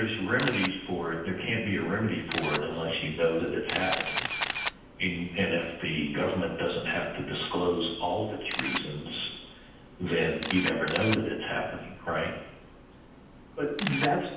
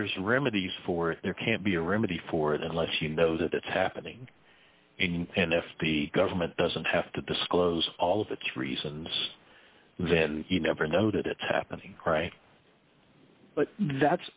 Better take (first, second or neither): second